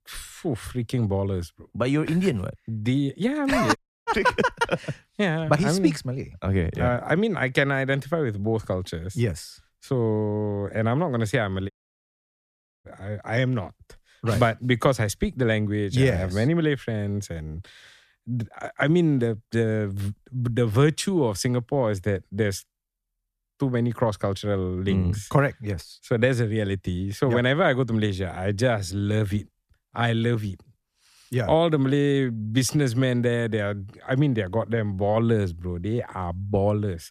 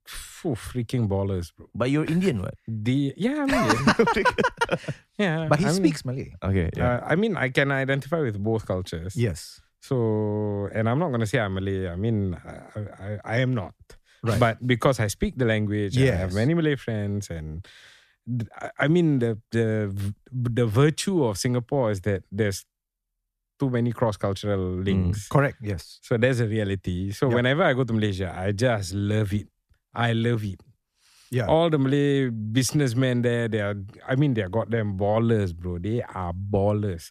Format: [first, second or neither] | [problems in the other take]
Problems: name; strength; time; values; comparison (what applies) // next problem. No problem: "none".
second | audio cutting out; at 4 s and at 12 s for 1 s